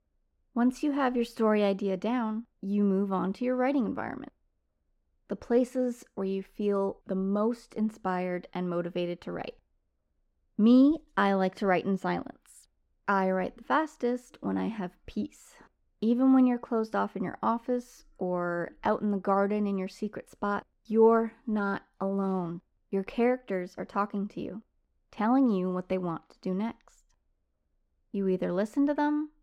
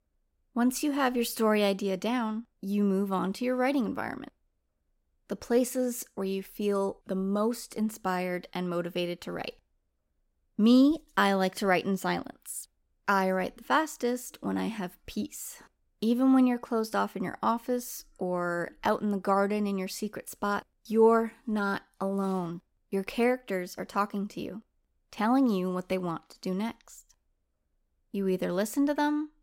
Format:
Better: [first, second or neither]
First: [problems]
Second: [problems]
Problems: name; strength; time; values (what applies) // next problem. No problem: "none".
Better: second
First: muffled; slightly; fading above 1.5 kHz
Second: none